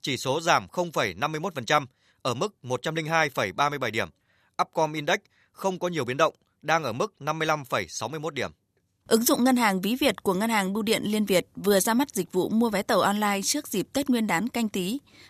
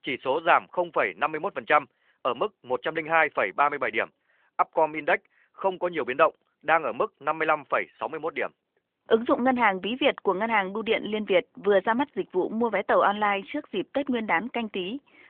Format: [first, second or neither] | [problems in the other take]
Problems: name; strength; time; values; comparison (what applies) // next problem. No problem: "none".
first | phone-call audio